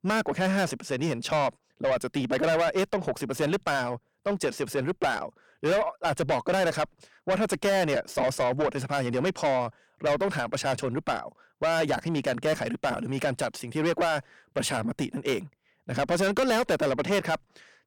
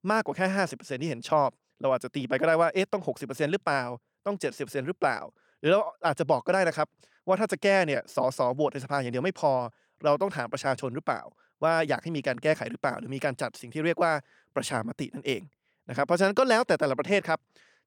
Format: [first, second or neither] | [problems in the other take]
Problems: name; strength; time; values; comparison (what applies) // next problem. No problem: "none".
second | distortion; heavy; 6 dB below the speech